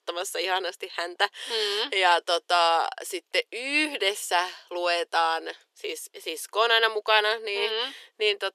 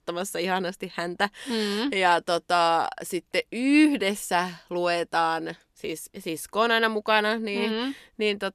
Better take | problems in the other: second | thin; very; fading below 400 Hz

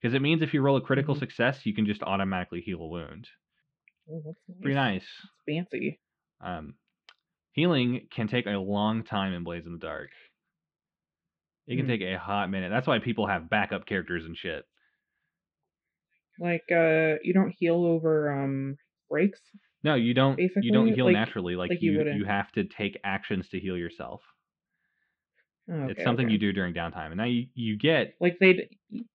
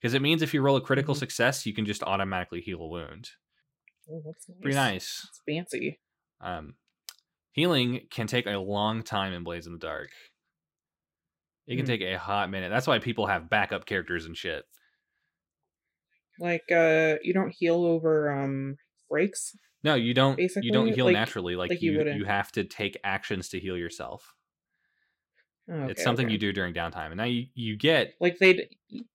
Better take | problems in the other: second | muffled; very; fading above 3 kHz

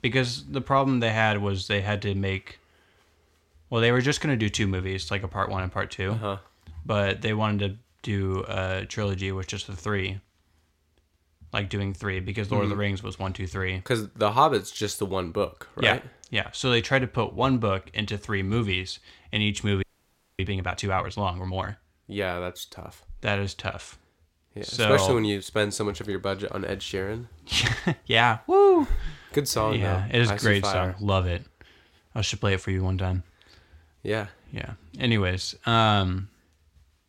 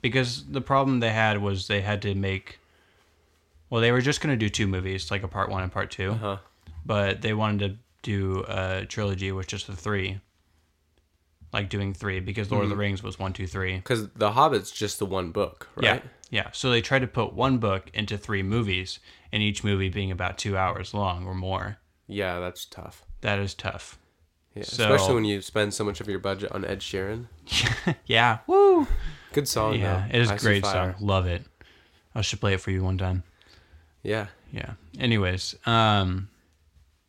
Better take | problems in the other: second | audio freezing; at 20 s for 0.5 s

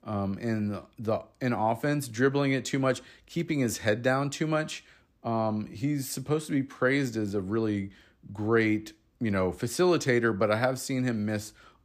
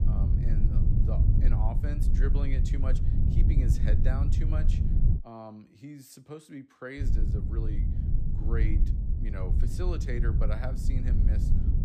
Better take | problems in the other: first | low rumble; loud; until 5 s and from 7 s on; 1 dB below the speech

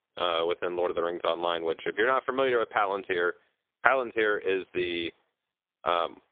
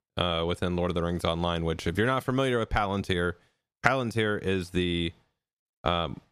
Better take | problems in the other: second | phone-call audio; poor line; nothing above 3.5 kHz

